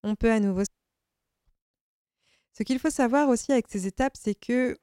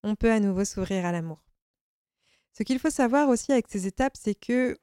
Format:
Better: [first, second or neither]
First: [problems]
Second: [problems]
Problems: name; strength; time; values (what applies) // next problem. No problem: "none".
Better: second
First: audio cutting out; at 0.5 s for 1 s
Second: none